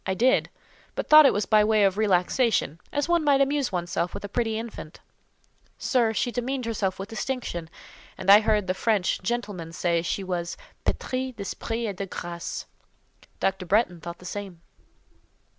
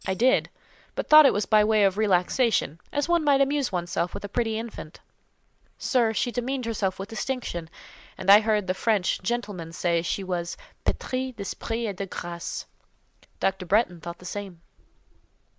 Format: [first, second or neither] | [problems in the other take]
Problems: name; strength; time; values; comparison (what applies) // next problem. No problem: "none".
first | noise reduction (neural mask model Resemble Enhance denoiser)